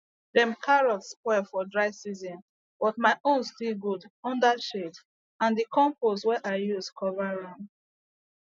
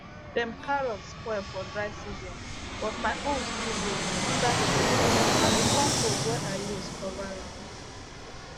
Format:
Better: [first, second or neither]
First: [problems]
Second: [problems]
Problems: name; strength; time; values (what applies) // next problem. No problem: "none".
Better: first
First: none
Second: background sound (Fixed-wing aircraft, airplane); 5 dB above the speech